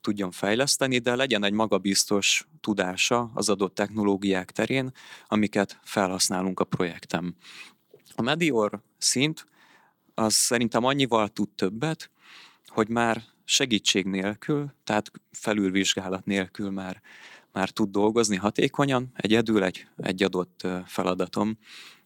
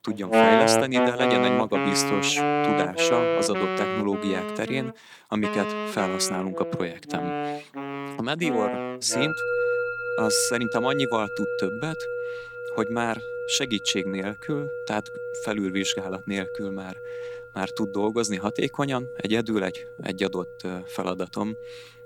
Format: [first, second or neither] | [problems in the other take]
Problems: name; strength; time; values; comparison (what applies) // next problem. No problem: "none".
first | background music; very loud; throughout; as loud as the speech